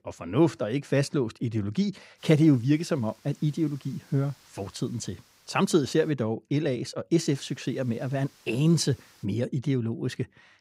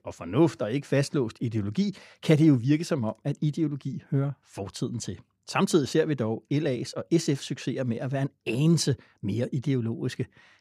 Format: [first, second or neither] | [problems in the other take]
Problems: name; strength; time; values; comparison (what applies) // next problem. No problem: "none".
second | hiss; faint; from 2 to 6 s and from 7.5 to 9 s; 30 dB below the speech